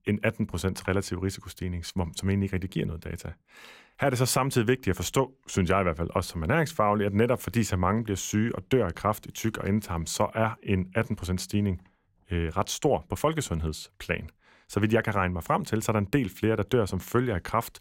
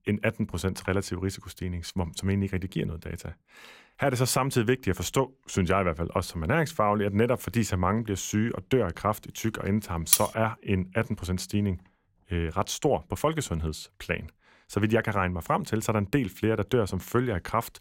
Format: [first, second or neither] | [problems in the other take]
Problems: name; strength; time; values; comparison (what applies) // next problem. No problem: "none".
first | clattering dishes; very faint; at 10 s; peak 5 dB above the speech